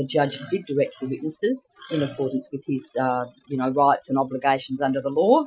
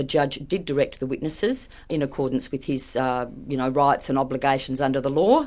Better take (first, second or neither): second